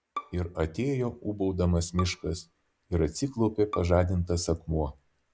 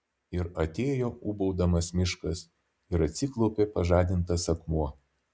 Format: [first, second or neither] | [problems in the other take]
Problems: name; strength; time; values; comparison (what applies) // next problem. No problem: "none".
second | background sound (Bowed string instrument); 17 dB below the speech